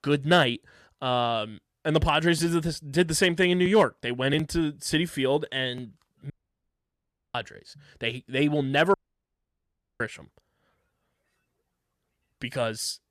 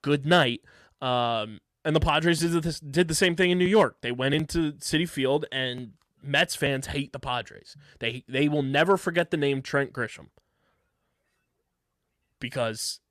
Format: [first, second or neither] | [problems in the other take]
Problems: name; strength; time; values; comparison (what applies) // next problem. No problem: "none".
second | audio cutting out; at 6.5 s for 1 s and at 9 s for 1 s